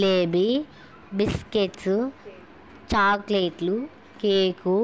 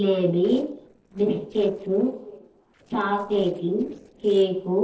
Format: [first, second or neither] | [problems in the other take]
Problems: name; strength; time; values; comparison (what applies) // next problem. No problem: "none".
first | noise reduction (neural separator model SepFormer DNS4)